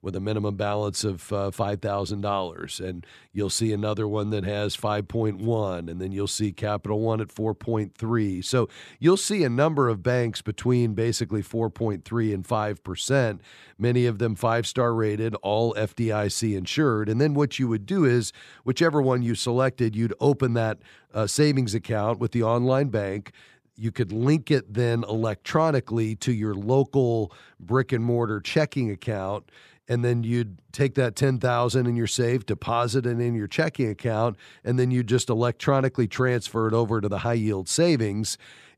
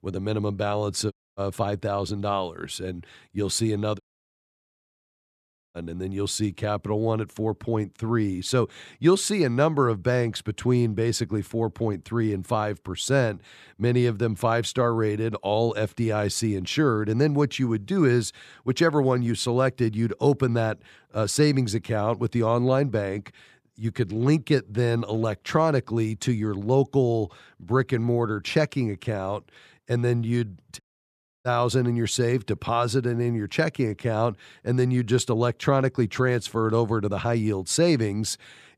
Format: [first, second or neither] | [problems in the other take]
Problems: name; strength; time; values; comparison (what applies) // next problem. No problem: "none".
first | audio cutting out; at 1 s, at 4 s for 1.5 s and at 31 s for 0.5 s